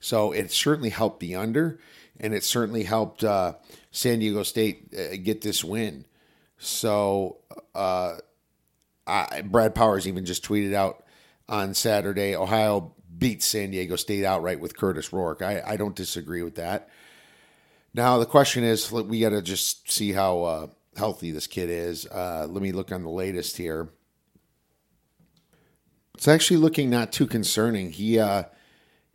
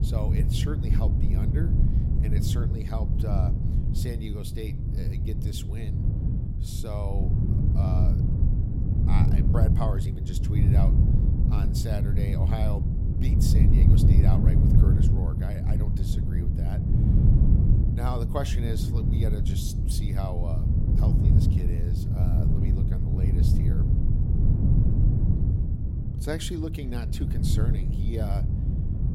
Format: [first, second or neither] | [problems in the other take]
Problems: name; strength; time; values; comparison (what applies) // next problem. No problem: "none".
first | wind noise on the microphone; heavy; 2 dB above the speech